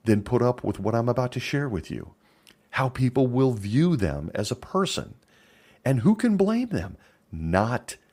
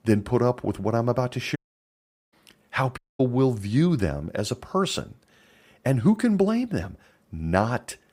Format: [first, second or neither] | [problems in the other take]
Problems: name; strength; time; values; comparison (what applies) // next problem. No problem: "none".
first | audio cutting out; at 1.5 s for 1 s and at 3 s